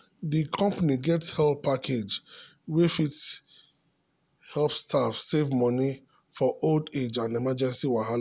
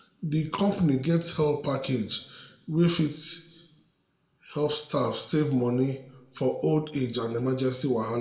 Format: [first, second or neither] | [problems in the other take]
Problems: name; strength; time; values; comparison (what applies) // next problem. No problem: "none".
first | room echo; dies away in 0.7 s